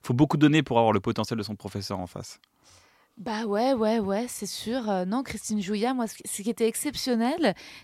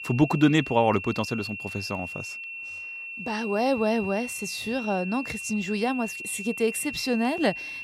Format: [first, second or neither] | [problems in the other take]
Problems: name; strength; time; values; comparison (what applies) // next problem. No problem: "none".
first | high-pitched whine; loud; throughout; 2.5 kHz, 8 dB below the speech